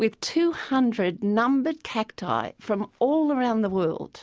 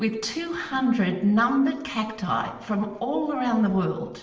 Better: first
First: none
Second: room echo; dies away in 0.9 s

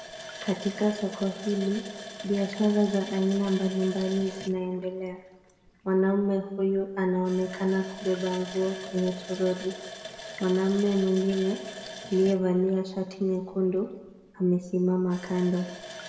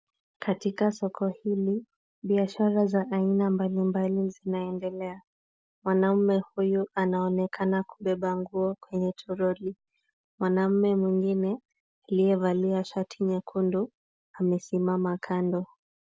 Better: second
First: background sound (Water tap, faucet); 15 dB below the speech // room echo; dies away in 1.2 s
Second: none

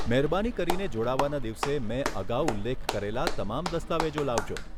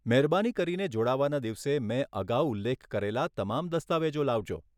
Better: second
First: background sound (Clapping + Rain); 1 dB below the speech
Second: none

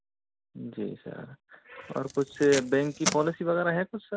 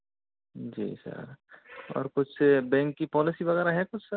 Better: second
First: background sound (Packing tape, duct tape); 7 dB below the speech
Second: none

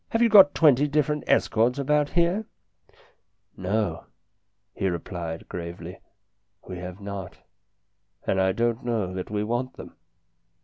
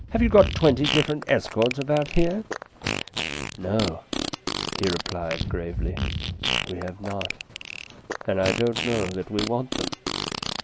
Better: first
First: none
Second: background sound (Fart); 4 dB below the speech

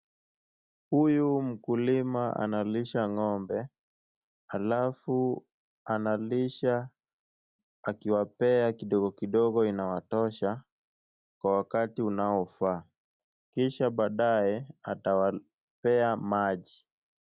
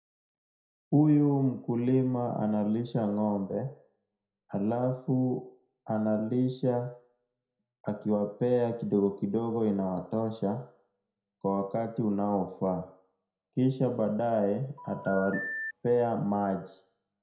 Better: first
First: none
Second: background sound (Telephone); 11 dB below the speech // room echo; dies away in 0.4 s

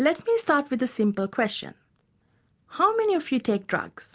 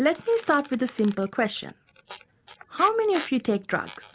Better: first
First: none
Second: background sound (Squeak); 18 dB below the speech

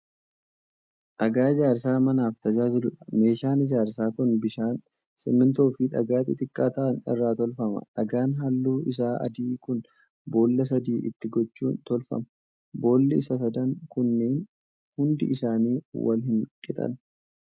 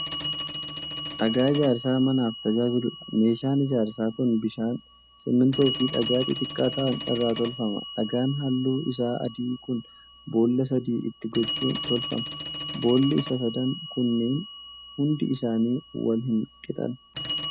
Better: first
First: none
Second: background sound (Telephone); 11 dB below the speech

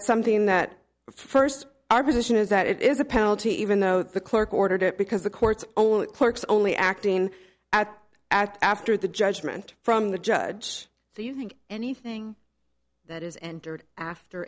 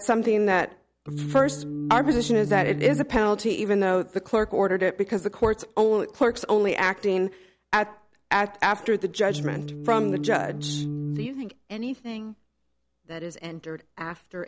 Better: first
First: none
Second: background sound (Organ); 5 dB below the speech

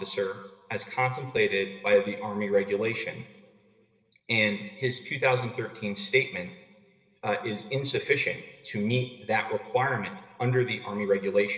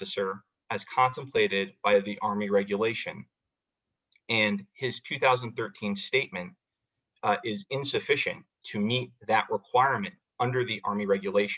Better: second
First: room echo; dies away in 2.4 s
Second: none

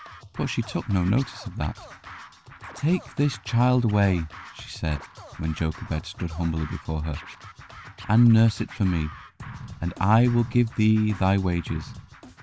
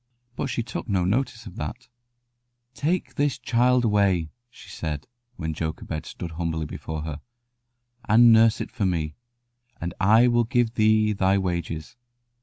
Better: second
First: background sound (Scratching (performance technique)); 18 dB below the speech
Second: none

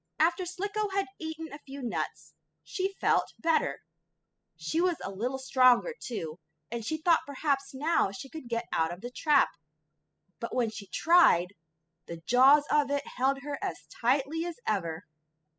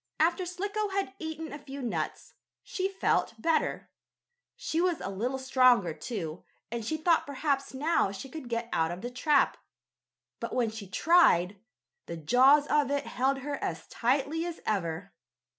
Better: second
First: noise reduction (classical method spectral subtraction)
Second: none

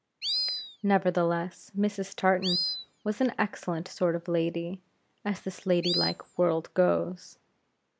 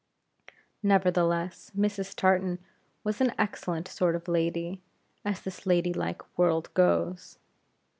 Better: second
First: noise reduction (neural mask model Resemble Enhance denoiser)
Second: none

